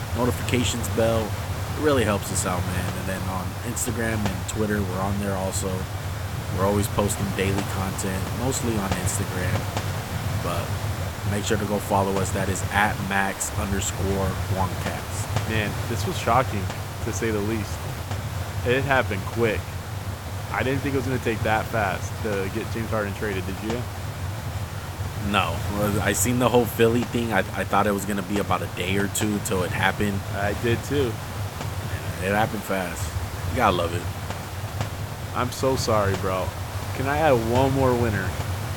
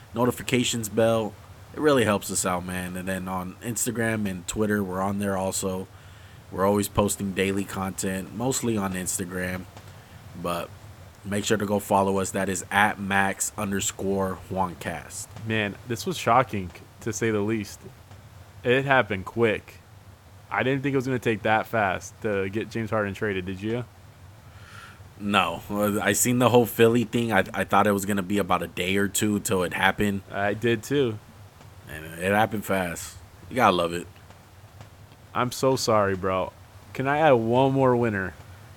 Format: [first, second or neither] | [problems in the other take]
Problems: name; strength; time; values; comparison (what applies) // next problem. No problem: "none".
second | hiss; loud; throughout; 4 dB below the speech; faint in the second